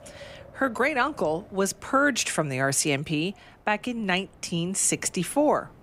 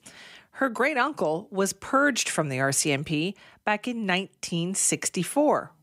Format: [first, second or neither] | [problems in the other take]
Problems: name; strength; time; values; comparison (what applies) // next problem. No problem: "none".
second | wind in the background; faint; throughout; 25 dB below the speech